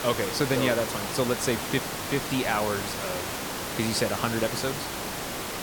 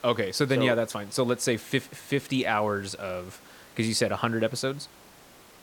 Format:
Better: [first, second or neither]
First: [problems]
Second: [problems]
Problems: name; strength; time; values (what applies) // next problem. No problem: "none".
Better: second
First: hiss; loud; throughout; 3 dB below the speech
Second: hiss; faint; throughout; 25 dB below the speech